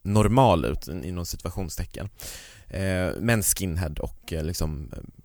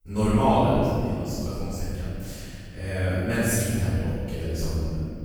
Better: first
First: none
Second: off-mic speech; far // room echo; strong; dies away in 2.2 s

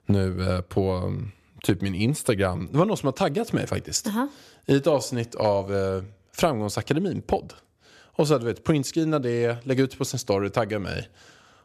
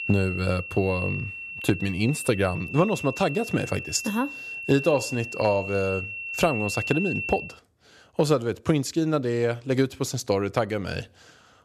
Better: first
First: none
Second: high-pitched whine; loud; until 7.5 s; 2.5 kHz, 7 dB below the speech

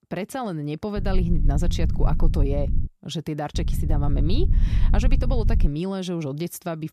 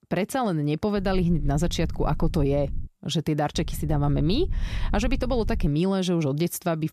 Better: second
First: low rumble; loud; from 1 to 3 s and from 3.5 to 5.5 s; 10 dB below the speech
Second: low rumble; faint; from 1 to 3 s and from 3.5 to 5.5 s; 20 dB below the speech

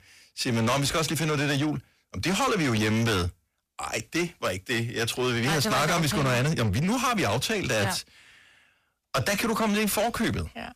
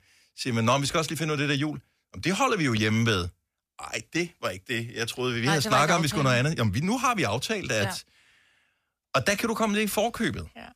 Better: second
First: distortion; heavy; 7 dB below the speech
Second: none

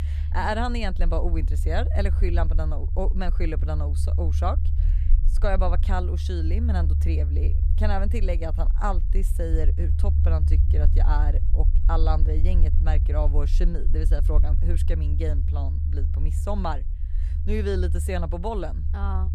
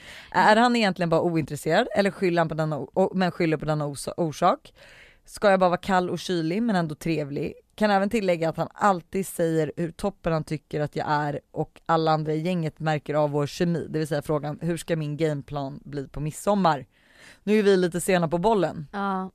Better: second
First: low rumble; noticeable; throughout; 10 dB below the speech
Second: none

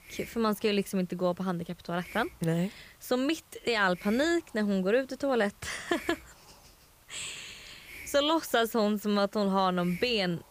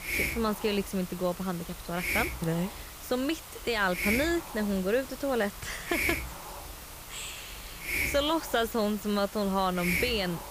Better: first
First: hiss; faint; throughout; 20 dB below the speech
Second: hiss; loud; throughout; 4 dB below the speech

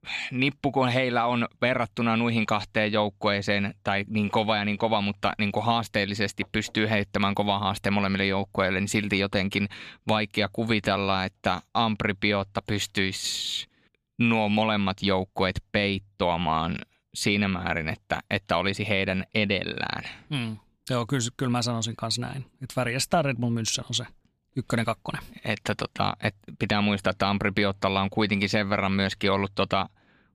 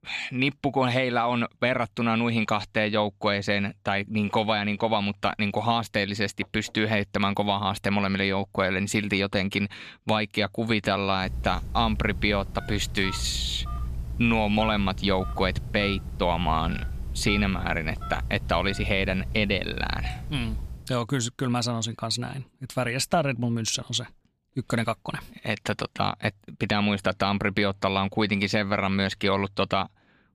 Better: first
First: none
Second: phone ringing; noticeable; from 11 to 21 s; peak 7 dB below the speech

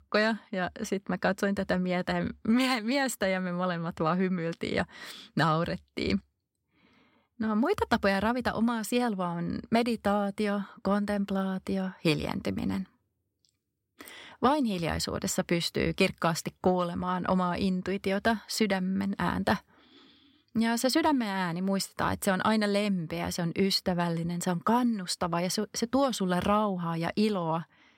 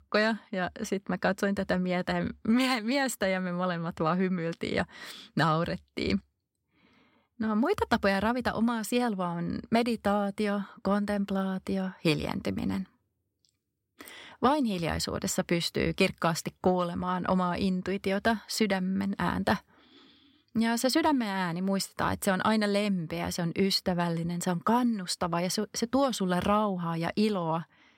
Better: neither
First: none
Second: none

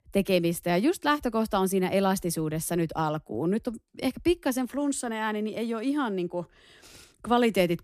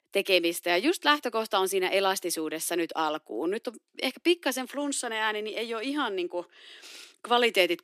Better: first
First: none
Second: thin; somewhat; fading below 300 Hz

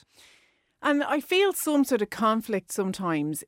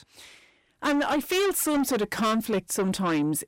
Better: first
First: none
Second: distortion; heavy; 7 dB below the speech

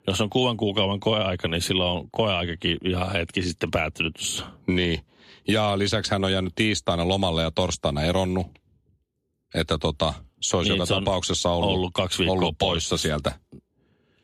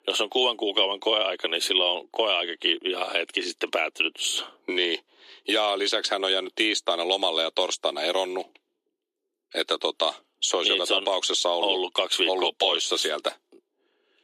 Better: first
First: none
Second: thin; very; fading below 350 Hz

